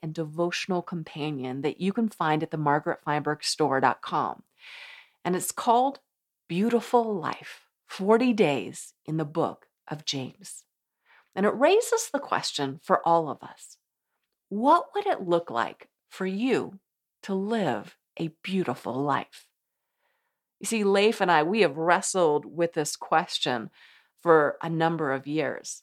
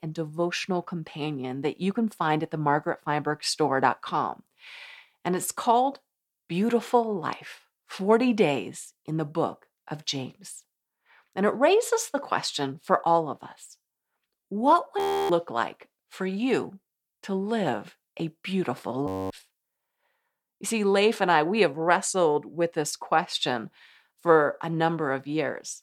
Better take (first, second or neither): first